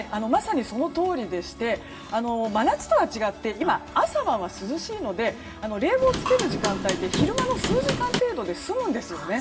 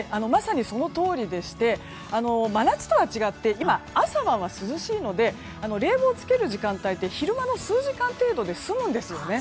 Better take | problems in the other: second | background sound (Hammer / Wood); 2 dB below the speech // room echo; dies away in 1.5 s

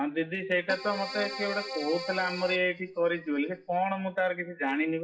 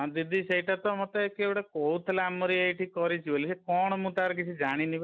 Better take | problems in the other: second | noise reduction (classical method WPE with log-MMSE)

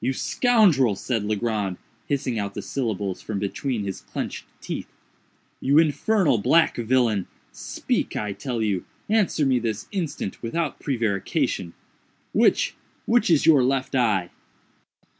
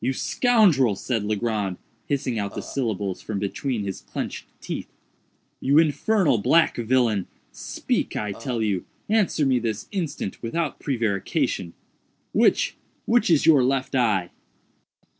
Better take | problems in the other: first | noise reduction (neural separator model SepFormer DNS4)

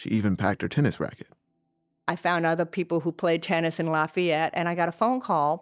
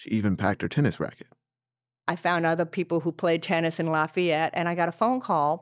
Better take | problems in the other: first | noise reduction (neural mask model DeepFilterNet 3)

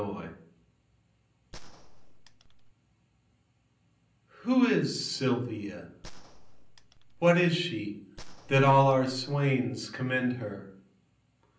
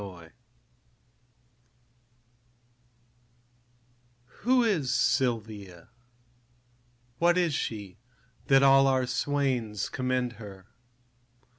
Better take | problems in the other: second | background sound (Gunshot, gunfire); 14 dB below the speech // room echo; dies away in 0.6 s

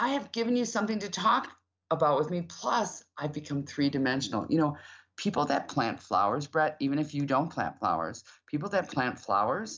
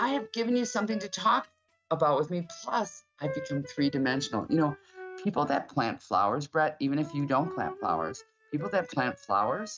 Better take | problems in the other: first | noise reduction (neural mask model RNNoise)

